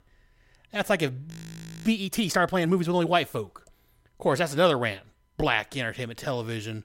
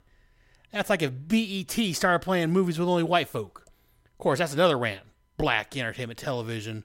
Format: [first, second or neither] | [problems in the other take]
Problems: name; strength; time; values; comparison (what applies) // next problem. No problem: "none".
second | audio freezing; at 1.5 s for 0.5 s